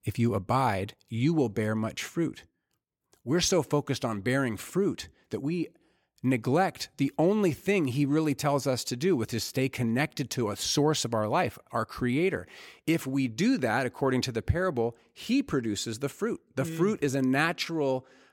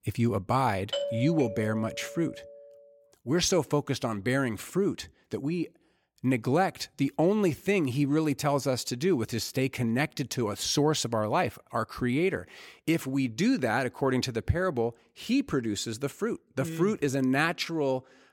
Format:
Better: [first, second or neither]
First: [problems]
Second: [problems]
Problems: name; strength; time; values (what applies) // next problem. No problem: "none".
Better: first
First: none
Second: doorbell; noticeable; from 1 to 2.5 s; peak 3 dB below the speech